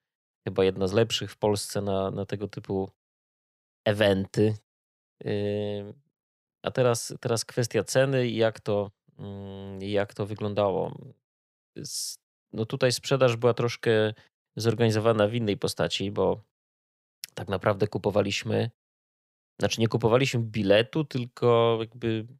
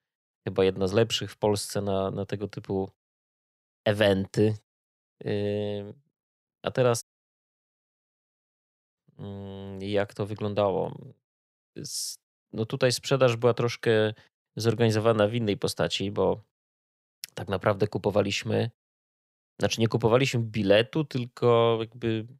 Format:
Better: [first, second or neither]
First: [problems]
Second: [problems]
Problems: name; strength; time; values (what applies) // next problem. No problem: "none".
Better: first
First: none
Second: audio cutting out; at 7 s for 2 s